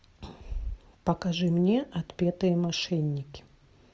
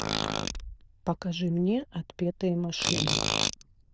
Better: first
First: none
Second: noise reduction (neural diffusion model UNIVERSE++)

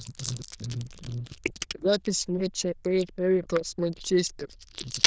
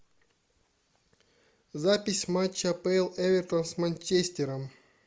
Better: second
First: noise reduction (neural diffusion model UNIVERSE++)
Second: none

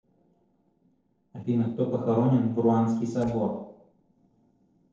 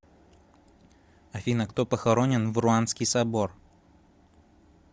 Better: second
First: noise reduction (neural separator model SepFormer DNS4)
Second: none

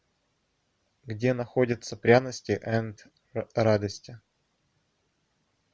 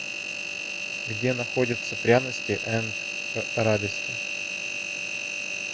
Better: first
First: none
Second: background sound (Engine); 2 dB below the speech

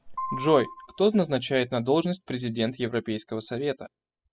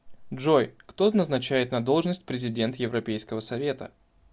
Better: second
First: noise reduction (classical method spectral subtraction)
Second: none

